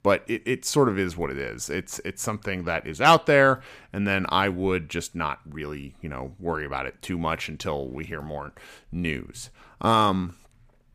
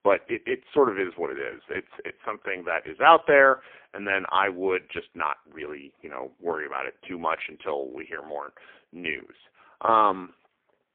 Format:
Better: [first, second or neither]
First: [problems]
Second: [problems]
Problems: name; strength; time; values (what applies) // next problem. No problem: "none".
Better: first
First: none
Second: phone-call audio; poor line; nothing above 3.5 kHz